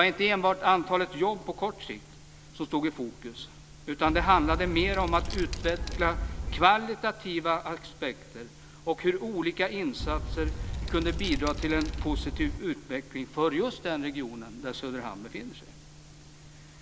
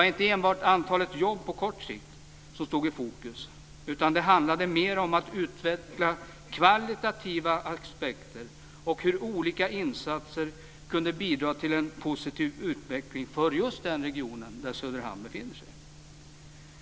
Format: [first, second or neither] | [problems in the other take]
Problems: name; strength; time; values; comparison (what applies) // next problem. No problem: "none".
second | background sound (Wind); 3 dB below the speech